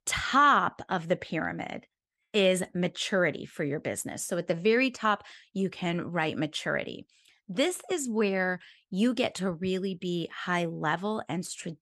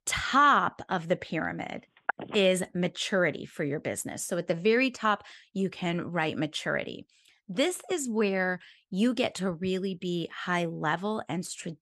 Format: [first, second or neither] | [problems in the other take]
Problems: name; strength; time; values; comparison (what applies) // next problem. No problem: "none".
first | phone ringing; noticeable; at 2 s; peak 6 dB below the speech